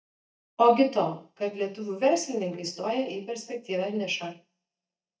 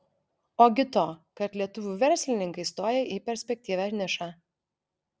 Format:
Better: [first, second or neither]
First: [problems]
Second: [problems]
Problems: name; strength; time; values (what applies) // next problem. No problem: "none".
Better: second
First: noise reduction (neural mask model DeepFilterNet 3)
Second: none